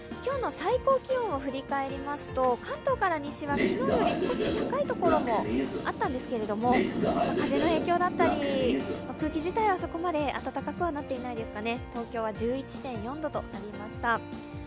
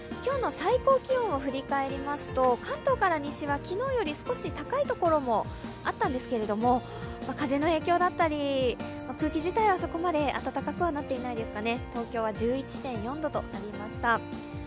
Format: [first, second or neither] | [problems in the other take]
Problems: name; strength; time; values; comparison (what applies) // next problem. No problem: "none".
second | background sound (Train); as loud as the speech